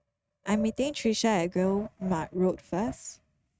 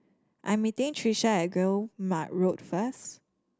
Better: second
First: noise reduction (neural mask model RNNoise)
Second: none

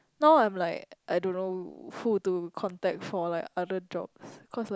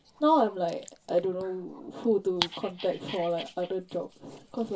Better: first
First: none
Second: background sound (Dog); 13 dB below the speech // room echo; dies away in 0.2 s

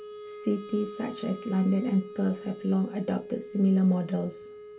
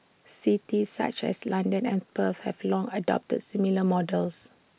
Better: second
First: background sound (Wind instrument, woodwind instrument); 15 dB below the speech // room echo; dies away in 0.2 s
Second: none

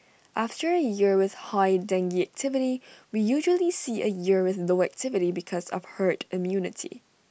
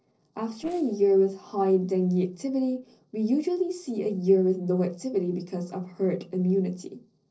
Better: first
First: none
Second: noise reduction (neural separator model SepFormer DNS4)

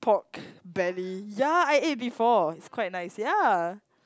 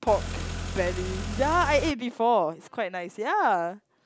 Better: first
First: none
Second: background sound (Car); 5 dB below the speech

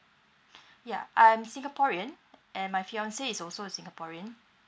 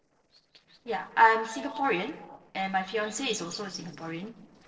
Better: first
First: none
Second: noise reduction (neural separator model SepFormer DNS4)

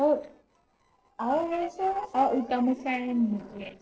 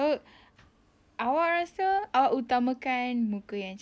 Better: second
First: noise reduction (neural separator model SepFormer DNS4)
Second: none

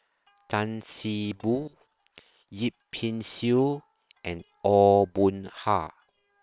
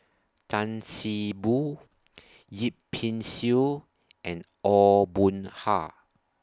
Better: second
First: noise reduction (neural separator model SepFormer WHAM!)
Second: none

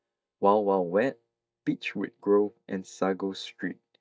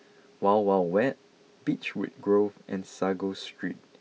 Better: second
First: noise reduction (neural mask model DeepFilterNet 3)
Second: none

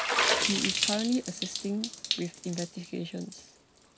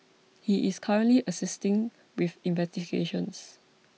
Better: second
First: background sound (Water / Splash, splatter); 2 dB above the speech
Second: none

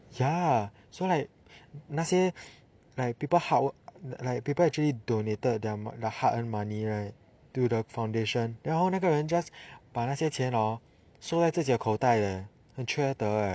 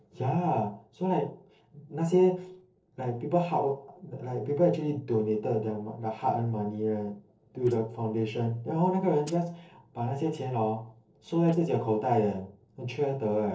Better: first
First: none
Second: noise reduction (neural separator model SepFormer DNS4)

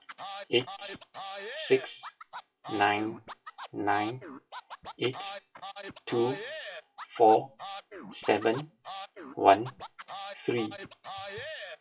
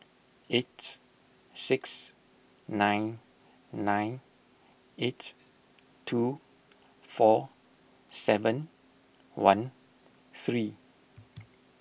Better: second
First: noise reduction (classical method WPE with log-MMSE)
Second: none

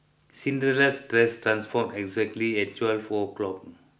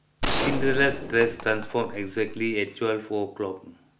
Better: first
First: none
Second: background sound (Gunshot, gunfire); 3 dB below the speech

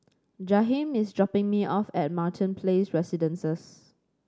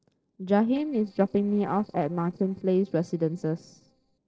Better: first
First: none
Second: noise reduction (neural separator model SepFormer DNS4)

